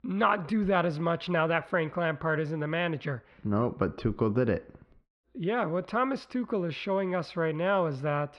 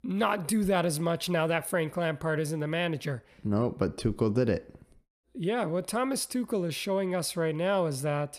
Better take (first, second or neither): second